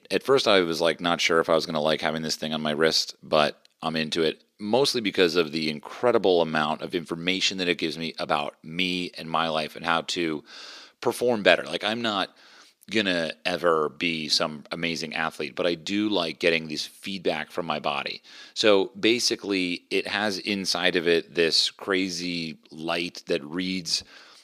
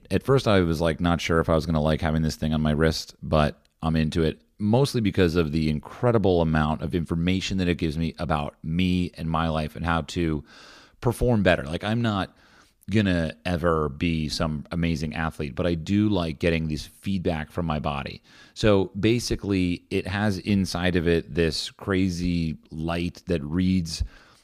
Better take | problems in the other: second | thin; somewhat; fading below 350 Hz

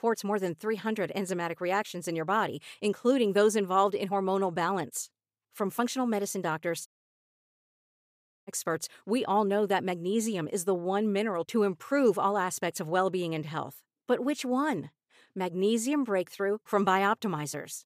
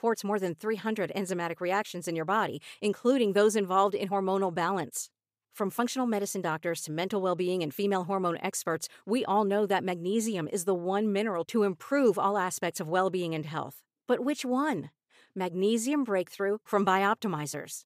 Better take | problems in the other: second | audio cutting out; at 7 s for 1.5 s

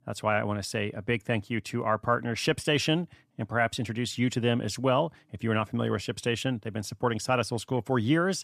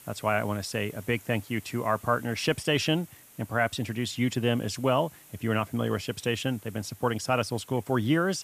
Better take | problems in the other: first | hiss; faint; throughout; 20 dB below the speech

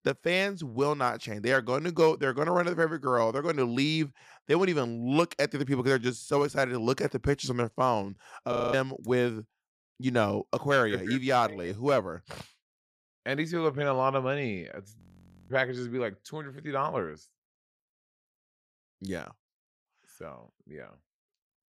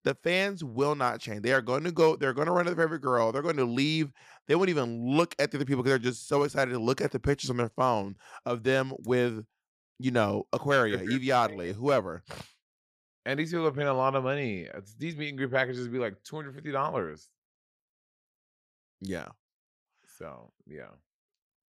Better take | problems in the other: second | audio freezing; at 8.5 s and at 15 s for 0.5 s

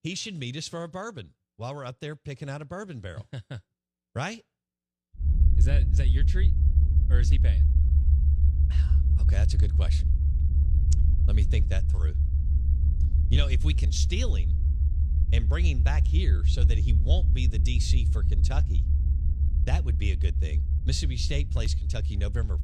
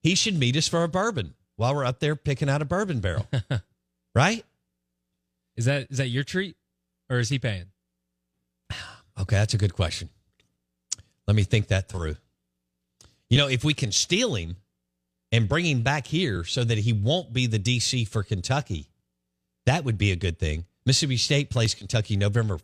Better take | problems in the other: second | low rumble; loud; from 5.5 s on; 5 dB below the speech

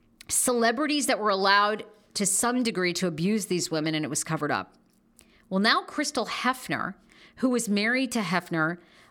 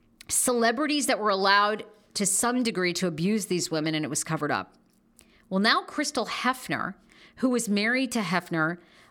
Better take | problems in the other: neither | none

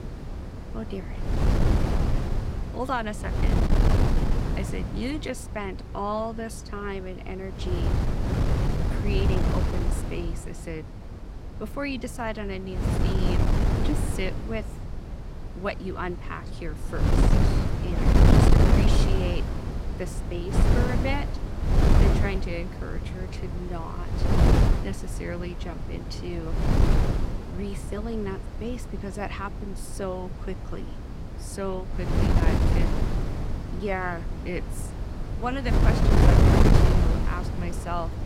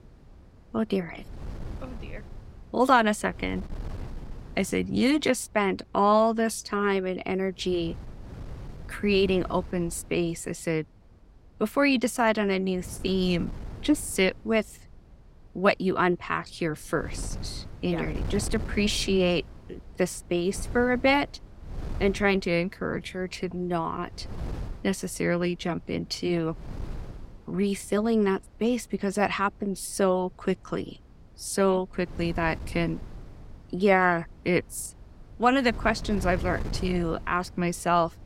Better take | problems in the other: second | wind noise on the microphone; heavy; 2 dB above the speech; occasional gusts in the second

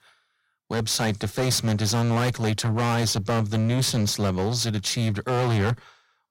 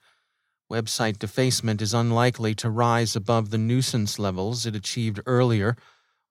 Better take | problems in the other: second | distortion; heavy; 19% of the sound clipped

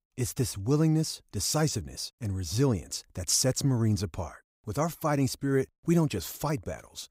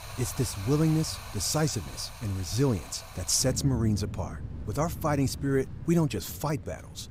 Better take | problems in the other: first | rain or running water; noticeable; throughout; 10 dB below the speech

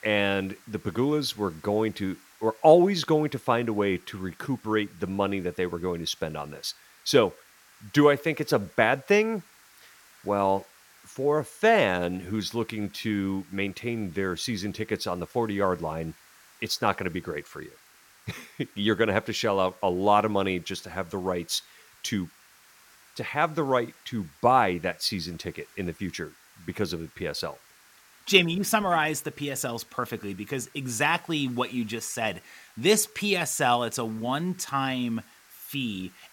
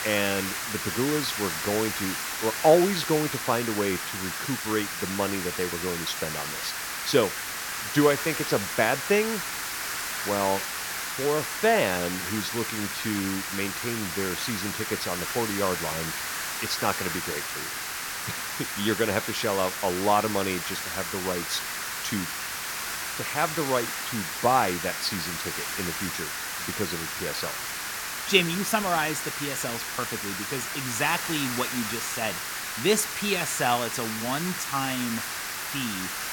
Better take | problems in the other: first | hiss; loud; throughout; 2 dB below the speech; faint in the first

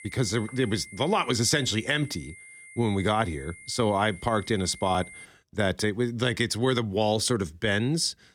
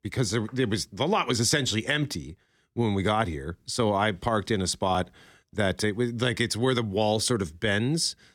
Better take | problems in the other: second | high-pitched whine; noticeable; until 5.5 s; 2 kHz, 20 dB below the speech

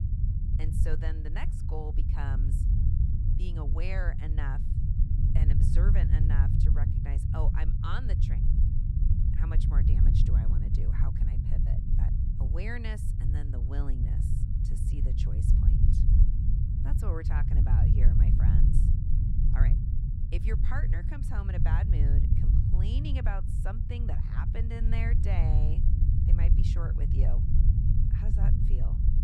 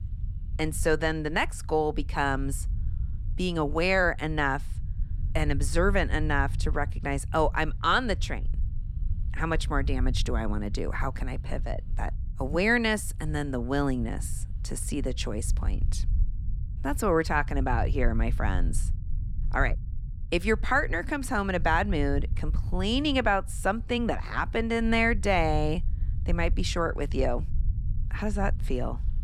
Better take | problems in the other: second | low rumble; loud; throughout; as loud as the speech; faint in the second

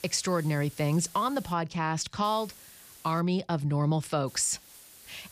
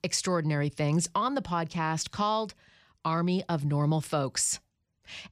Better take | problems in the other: second | hiss; faint; until 1.5 s, at 2 s and from 4.5 s on; 20 dB below the speech

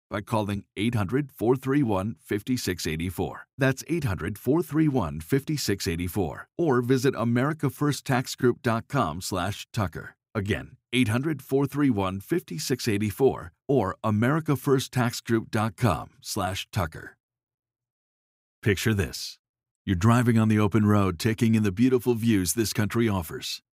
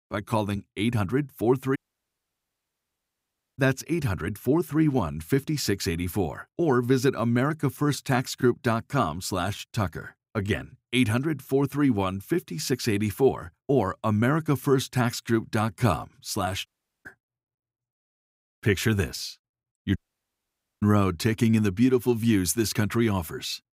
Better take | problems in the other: first | audio cutting out; at 2 s for 2 s, at 17 s and at 20 s for 1 s

